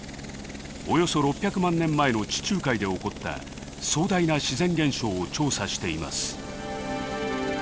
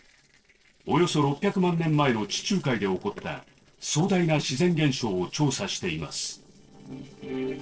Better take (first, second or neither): first